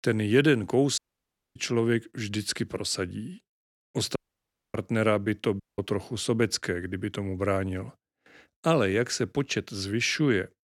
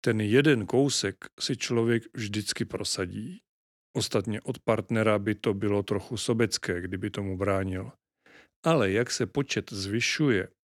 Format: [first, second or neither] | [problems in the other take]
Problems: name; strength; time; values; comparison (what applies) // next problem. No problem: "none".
second | audio cutting out; at 1 s for 0.5 s, at 4 s for 0.5 s and at 5.5 s